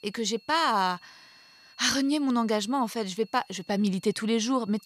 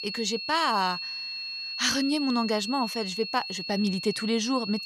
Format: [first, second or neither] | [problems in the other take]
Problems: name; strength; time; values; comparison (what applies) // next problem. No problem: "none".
first | high-pitched whine; loud; throughout; 4.5 kHz, 5 dB below the speech; faint in the first